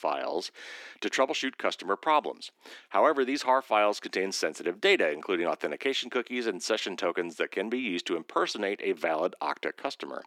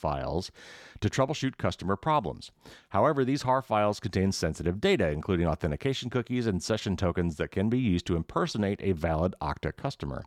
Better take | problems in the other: second | thin; somewhat; fading below 300 Hz

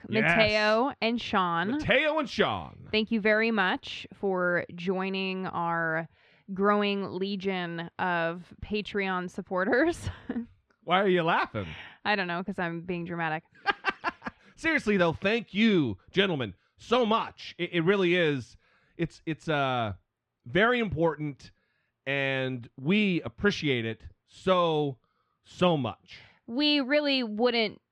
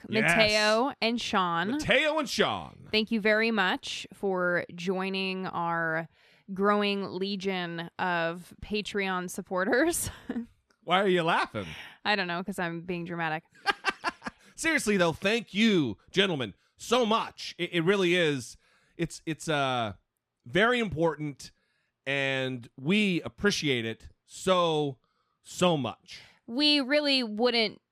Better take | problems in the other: second | muffled; very slightly; fading above 3.5 kHz

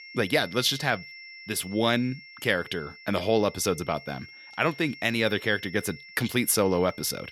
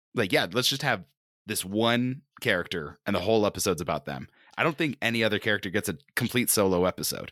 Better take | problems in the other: second | high-pitched whine; noticeable; throughout; 2 kHz, 15 dB below the speech

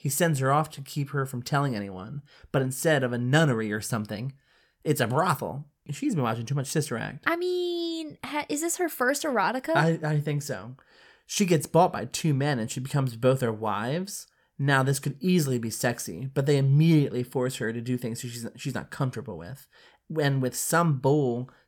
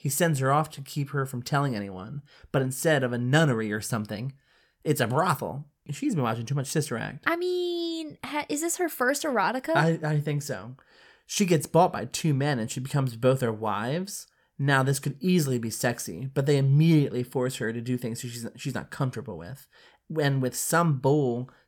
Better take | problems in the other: neither | none

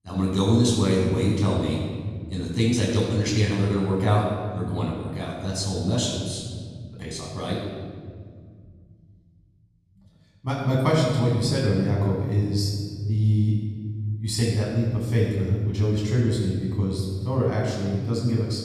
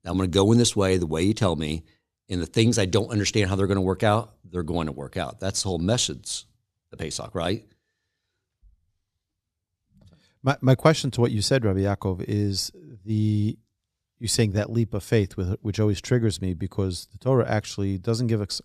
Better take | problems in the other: second | off-mic speech; far // room echo; noticeable; dies away in 2.3 s

